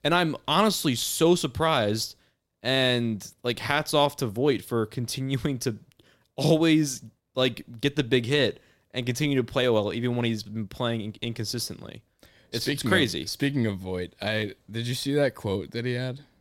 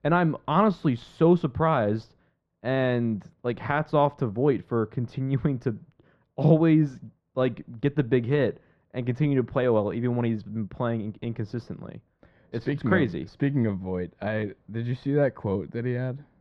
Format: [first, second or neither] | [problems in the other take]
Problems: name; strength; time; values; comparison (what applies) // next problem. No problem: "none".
first | muffled; very; fading above 1.5 kHz